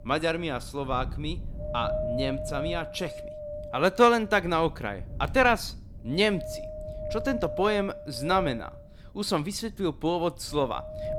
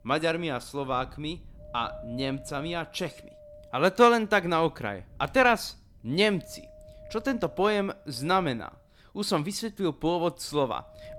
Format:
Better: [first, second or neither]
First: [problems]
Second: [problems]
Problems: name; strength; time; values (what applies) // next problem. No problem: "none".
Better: second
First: wind noise on the microphone; heavy; 9 dB below the speech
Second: wind noise on the microphone; occasional gusts; 20 dB below the speech